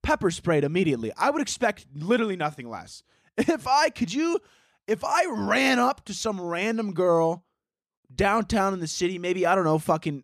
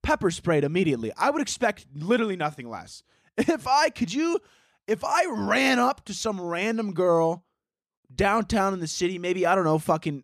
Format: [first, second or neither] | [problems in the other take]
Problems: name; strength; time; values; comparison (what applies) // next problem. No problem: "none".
neither | none